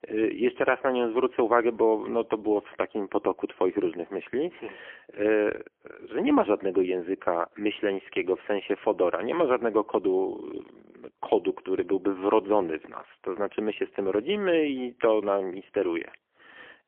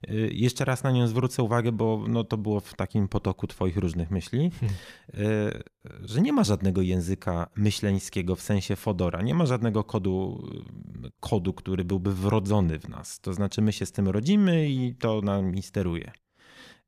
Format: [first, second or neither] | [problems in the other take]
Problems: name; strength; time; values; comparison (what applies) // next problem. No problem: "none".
second | phone-call audio; poor line; nothing above 3 kHz